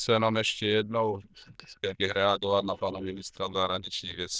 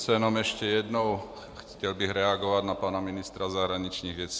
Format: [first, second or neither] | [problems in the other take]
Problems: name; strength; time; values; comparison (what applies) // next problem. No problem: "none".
second | noise reduction (neural diffusion model UNIVERSE++)